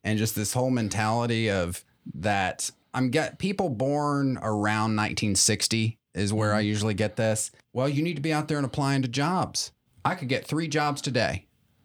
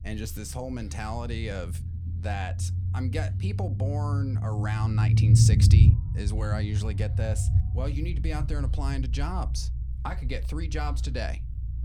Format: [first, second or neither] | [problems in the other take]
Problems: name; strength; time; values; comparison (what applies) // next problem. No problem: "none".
first | low rumble; loud; throughout; 3 dB below the speech